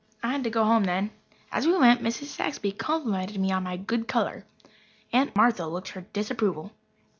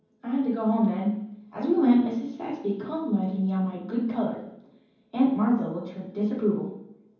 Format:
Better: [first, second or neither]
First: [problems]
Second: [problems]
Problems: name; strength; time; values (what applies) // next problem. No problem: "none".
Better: first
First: none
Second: room echo; dies away in 0.9 s